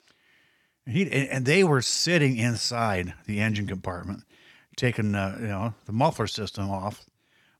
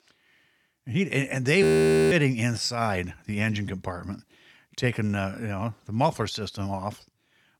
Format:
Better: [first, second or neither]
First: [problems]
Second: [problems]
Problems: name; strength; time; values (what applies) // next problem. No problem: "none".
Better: first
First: none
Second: audio freezing; at 1.5 s